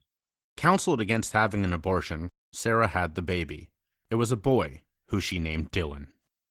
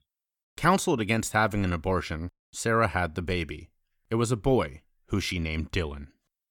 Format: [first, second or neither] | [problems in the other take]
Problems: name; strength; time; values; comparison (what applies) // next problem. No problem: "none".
second | garbled, watery; slightly; nothing above 17 kHz